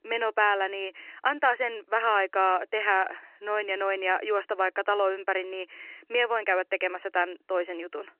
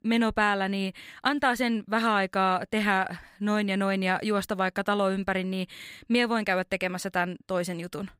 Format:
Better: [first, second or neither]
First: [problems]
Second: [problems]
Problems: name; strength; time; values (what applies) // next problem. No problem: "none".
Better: second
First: phone-call audio; nothing above 3 kHz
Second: none